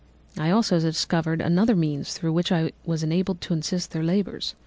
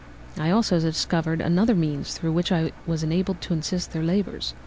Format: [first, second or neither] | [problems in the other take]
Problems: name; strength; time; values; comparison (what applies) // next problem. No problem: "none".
first | background sound (Engine); 18 dB below the speech